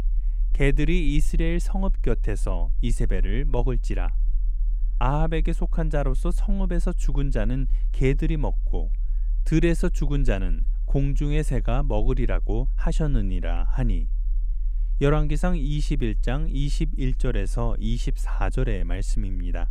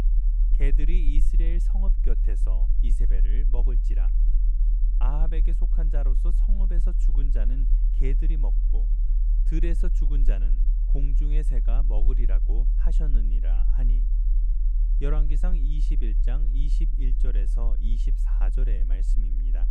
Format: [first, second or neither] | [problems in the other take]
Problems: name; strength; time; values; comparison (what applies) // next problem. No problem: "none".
first | low rumble; loud; throughout; 7 dB below the speech; faint in the first